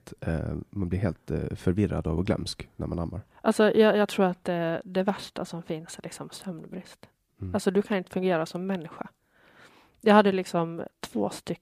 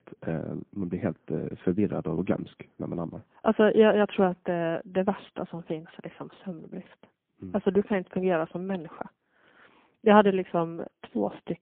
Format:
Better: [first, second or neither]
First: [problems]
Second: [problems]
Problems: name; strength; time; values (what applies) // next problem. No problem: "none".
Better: first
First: none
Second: phone-call audio; poor line